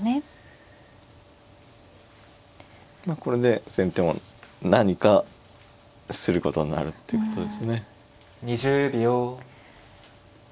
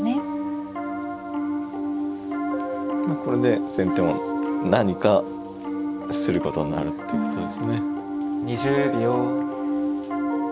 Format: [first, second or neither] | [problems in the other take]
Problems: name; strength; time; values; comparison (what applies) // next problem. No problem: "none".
first | background sound (Piano); as loud as the speech